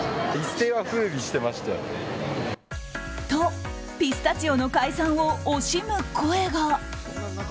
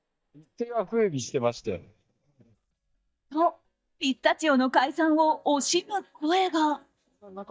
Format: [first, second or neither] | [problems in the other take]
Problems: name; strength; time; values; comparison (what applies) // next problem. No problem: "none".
first | noise reduction (neural mask model DeepFilterNet 3)